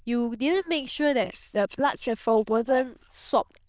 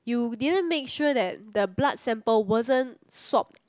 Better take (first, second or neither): second